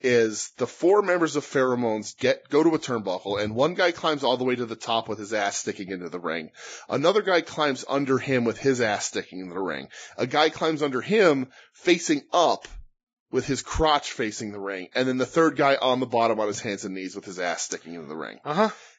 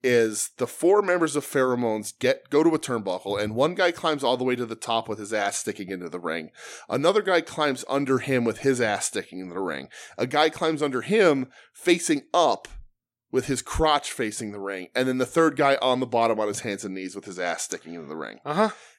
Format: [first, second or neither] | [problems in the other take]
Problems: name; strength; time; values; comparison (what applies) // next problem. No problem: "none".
second | garbled, watery; badly; nothing above 7.5 kHz